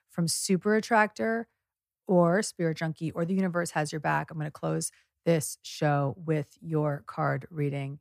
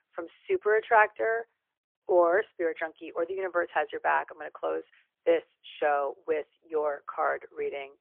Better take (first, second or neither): first